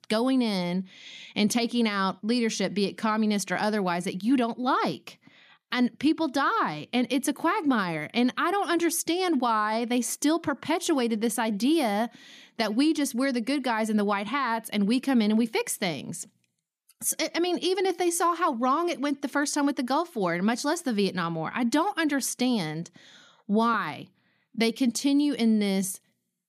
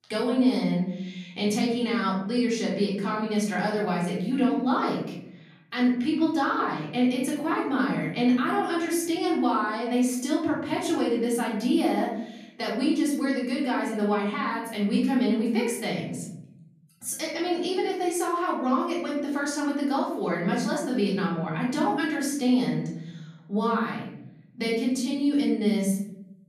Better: first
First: none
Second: off-mic speech; far // room echo; noticeable; dies away in 1.3 s

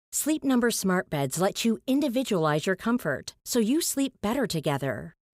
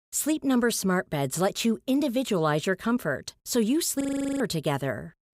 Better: first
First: none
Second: audio freezing; at 4 s

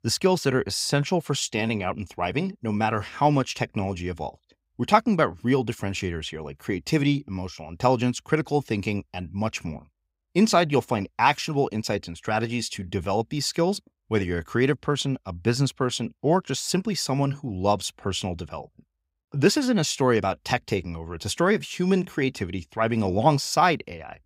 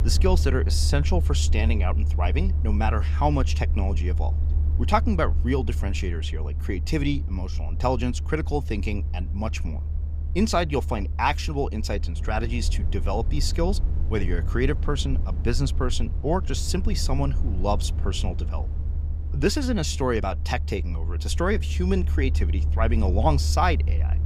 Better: first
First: none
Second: low rumble; noticeable; throughout; 15 dB below the speech

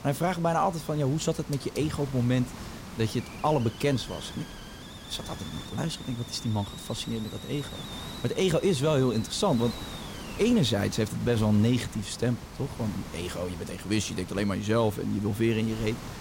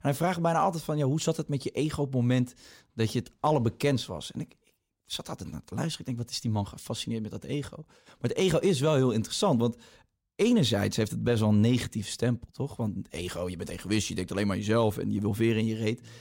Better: second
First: hiss; noticeable; throughout; 15 dB below the speech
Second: none

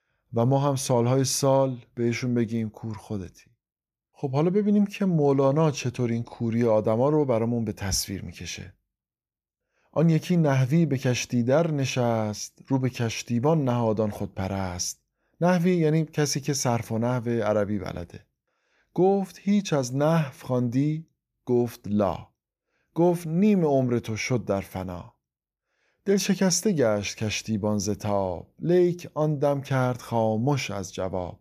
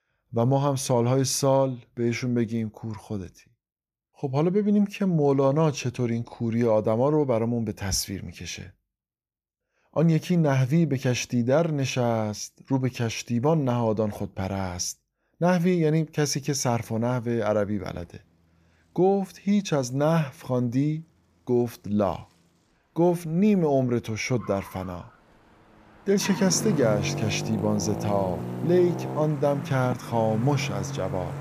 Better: first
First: none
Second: traffic noise; loud; from 17 s on; 8 dB below the speech

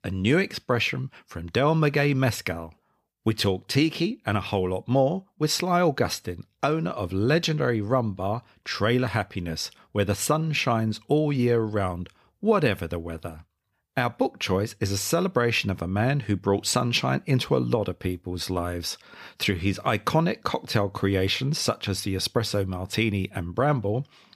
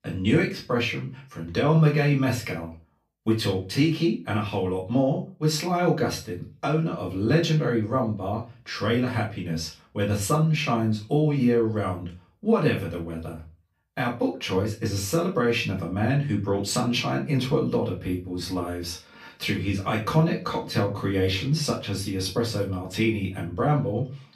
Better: first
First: none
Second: off-mic speech; far // room echo; slight; dies away in 0.3 s

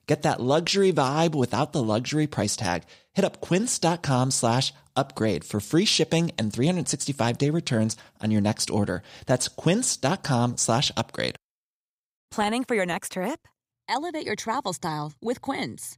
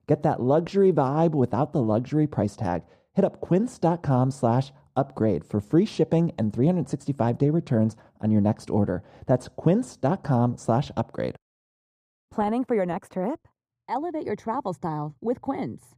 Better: first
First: none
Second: muffled; very; fading above 1.5 kHz

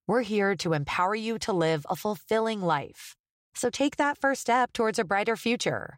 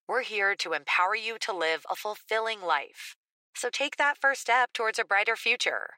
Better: first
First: none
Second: thin; very; fading below 450 Hz

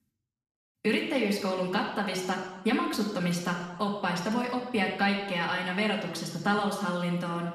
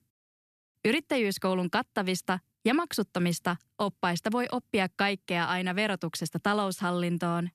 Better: second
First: room echo; noticeable; dies away in 0.9 s // off-mic speech; far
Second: none

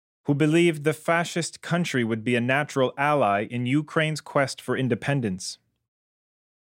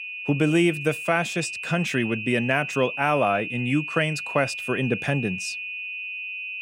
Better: first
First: none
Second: high-pitched whine; loud; throughout; 2.5 kHz, 6 dB below the speech

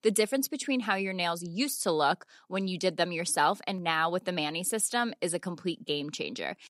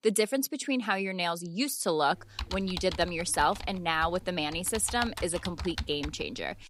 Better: first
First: none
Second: keyboard typing; noticeable; from 2 s on; peak 7 dB below the speech

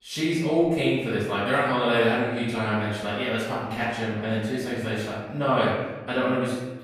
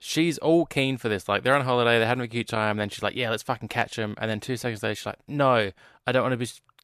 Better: second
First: room echo; strong; dies away in 1.1 s // off-mic speech; far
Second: none

